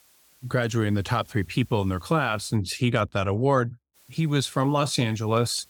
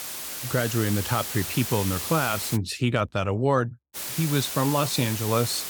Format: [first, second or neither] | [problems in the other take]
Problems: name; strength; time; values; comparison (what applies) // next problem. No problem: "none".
first | hiss; loud; until 2.5 s and from 4 s on; 5 dB below the speech; faint in the first